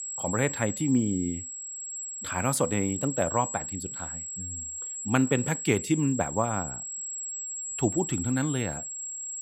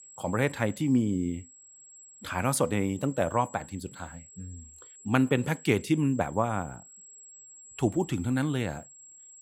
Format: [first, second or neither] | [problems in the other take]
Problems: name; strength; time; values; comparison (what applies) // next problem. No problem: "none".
second | high-pitched whine; loud; throughout; 7.5 kHz, 5 dB below the speech; faint in the second